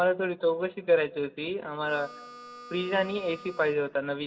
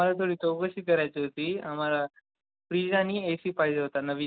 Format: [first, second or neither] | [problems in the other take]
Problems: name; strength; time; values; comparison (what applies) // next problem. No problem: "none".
second | background sound (Harmonica); 17 dB below the speech // room echo; dies away in 0.3 s